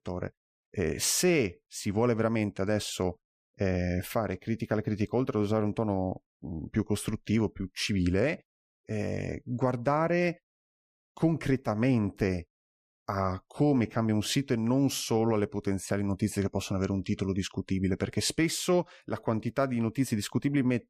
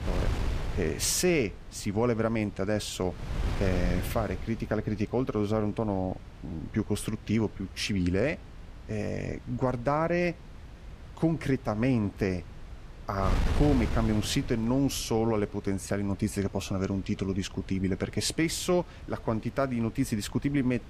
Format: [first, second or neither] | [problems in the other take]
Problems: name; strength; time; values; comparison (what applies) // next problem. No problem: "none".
first | wind noise on the microphone; occasional gusts; 15 dB below the speech